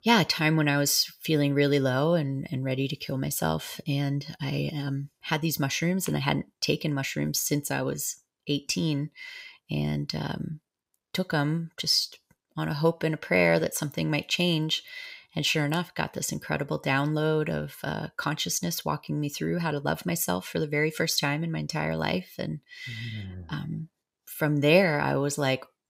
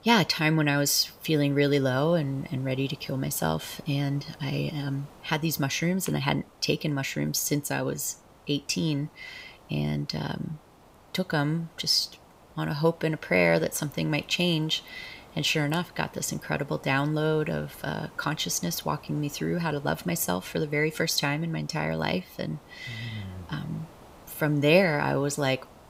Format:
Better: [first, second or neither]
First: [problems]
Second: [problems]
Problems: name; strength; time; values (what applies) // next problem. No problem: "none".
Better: first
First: none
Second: hiss; faint; throughout; 25 dB below the speech